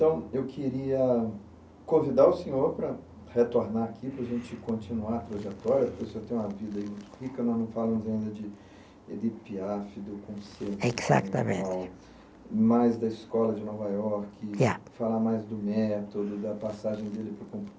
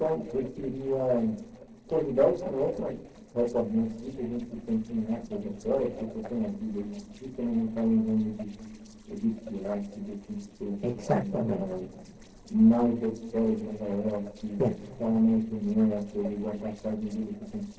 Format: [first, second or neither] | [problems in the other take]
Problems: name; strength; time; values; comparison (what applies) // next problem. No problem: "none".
first | noise reduction (neural separator model SepFormer DNS4)